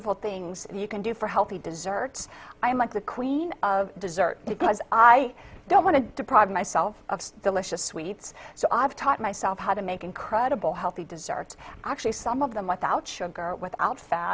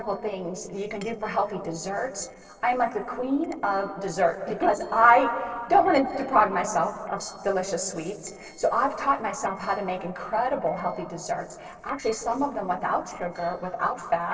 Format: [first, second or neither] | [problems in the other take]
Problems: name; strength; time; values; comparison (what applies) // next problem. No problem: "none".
first | noise reduction (neural separator model SepFormer DNS4)